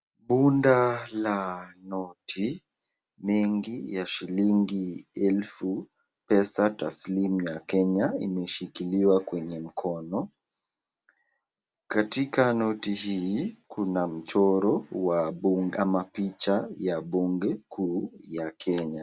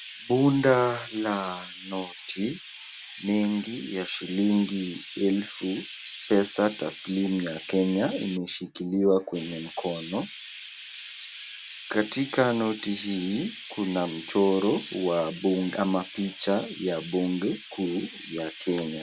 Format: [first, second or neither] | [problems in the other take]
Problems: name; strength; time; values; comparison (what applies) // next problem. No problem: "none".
first | background sound (Chirp, tweet); 15 dB below the speech